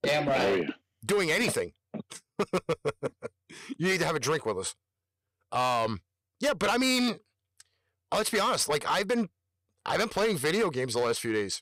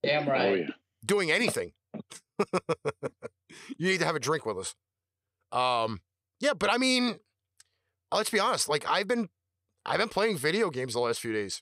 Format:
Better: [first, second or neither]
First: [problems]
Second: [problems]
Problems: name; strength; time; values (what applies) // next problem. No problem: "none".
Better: second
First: distortion; slight; 8% of the sound clipped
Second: none